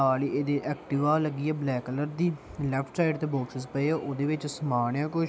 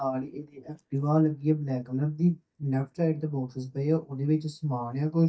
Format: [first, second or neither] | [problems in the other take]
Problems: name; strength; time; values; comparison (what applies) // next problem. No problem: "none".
first | noise reduction (neural mask model DeepFilterNet 3)